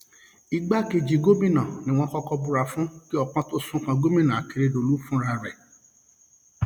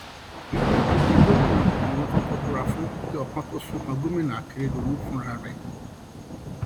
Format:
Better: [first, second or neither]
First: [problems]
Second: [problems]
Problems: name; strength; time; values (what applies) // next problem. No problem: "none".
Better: first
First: none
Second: background sound (Thunder / Rain); 5 dB above the speech